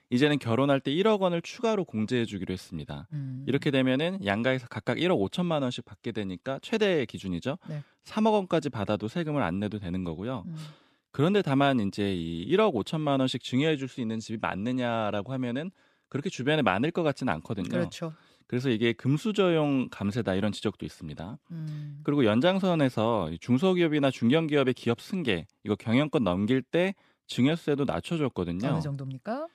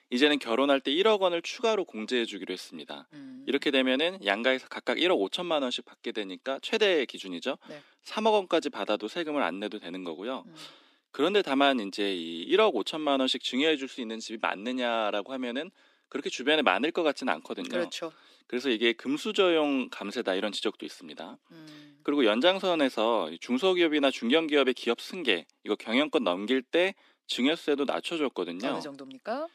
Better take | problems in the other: first | thin; very slightly; fading below 250 Hz

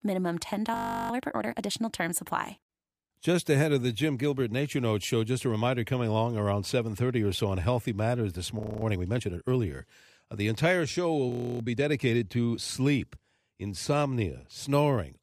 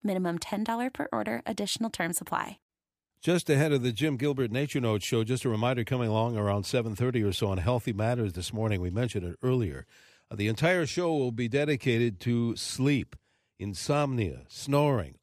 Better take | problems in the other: second | audio freezing; at 0.5 s, at 8.5 s and at 11 s

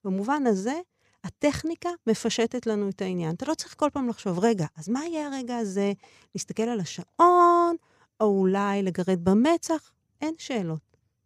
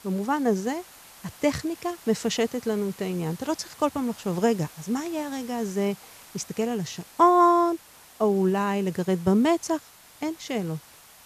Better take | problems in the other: first | hiss; faint; throughout; 20 dB below the speech

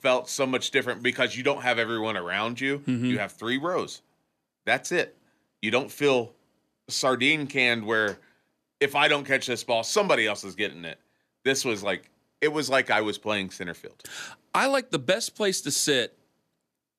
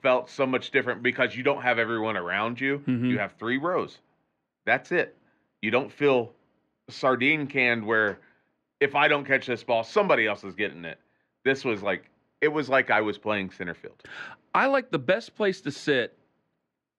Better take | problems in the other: first | muffled; very; fading above 2 kHz

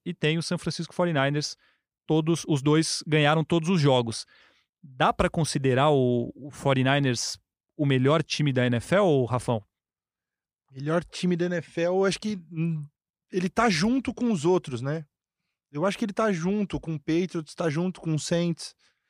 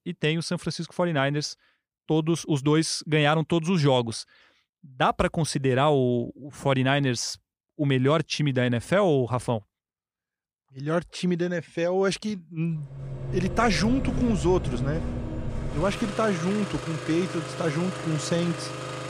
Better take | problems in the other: first | traffic noise; loud; from 13 s on; 8 dB below the speech

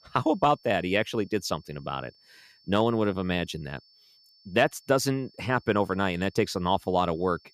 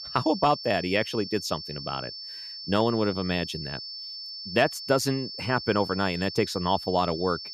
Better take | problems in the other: first | high-pitched whine; loud; throughout; 5.5 kHz, 9 dB below the speech; faint in the first

